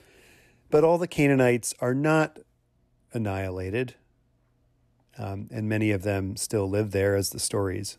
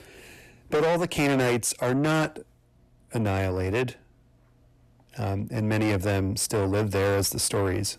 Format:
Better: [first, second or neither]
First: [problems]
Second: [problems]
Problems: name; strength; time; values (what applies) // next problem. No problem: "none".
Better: first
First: none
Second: distortion; heavy; 6 dB below the speech